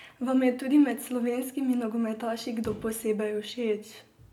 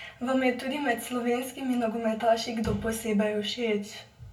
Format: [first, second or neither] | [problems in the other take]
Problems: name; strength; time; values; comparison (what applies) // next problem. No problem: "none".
first | room echo; dies away in 0.2 s